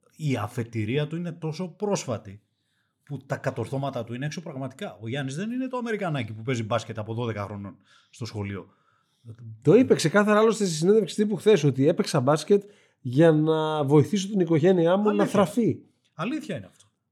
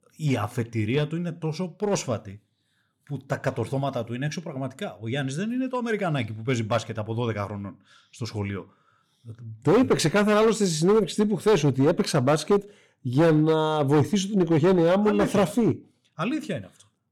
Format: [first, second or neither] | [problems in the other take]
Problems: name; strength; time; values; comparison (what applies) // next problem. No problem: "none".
first | distortion; slight; 5% of the sound clipped